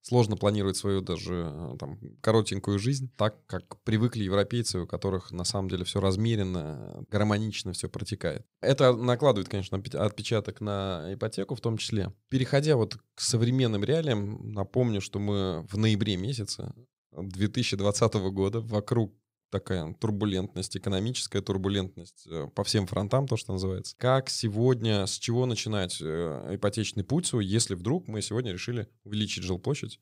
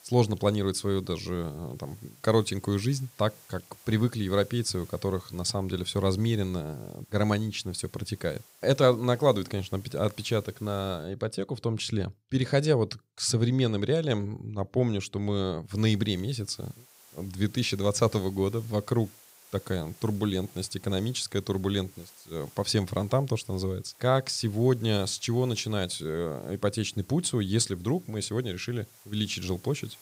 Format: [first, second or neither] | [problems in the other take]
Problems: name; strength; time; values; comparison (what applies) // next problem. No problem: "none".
first | hiss; faint; until 11 s and from 16 s on; 25 dB below the speech